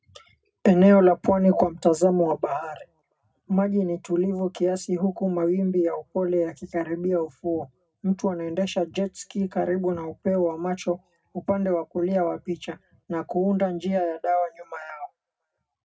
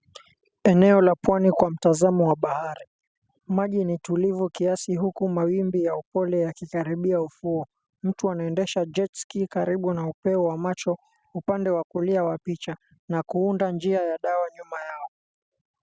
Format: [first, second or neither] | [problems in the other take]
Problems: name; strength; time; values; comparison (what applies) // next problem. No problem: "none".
second | room echo; dies away in 0.2 s